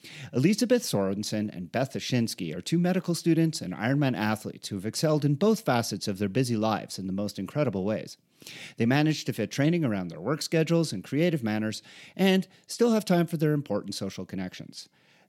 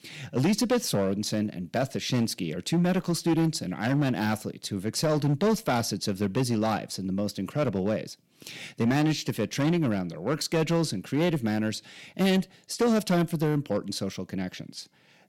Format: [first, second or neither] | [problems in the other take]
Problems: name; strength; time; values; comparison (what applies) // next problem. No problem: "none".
first | distortion; slight; 7% of the sound clipped